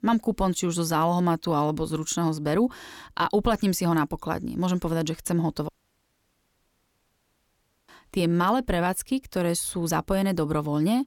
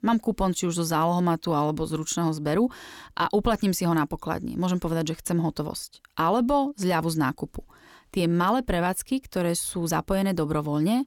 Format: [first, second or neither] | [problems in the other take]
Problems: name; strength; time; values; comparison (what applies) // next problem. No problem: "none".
second | audio cutting out; at 5.5 s for 2 s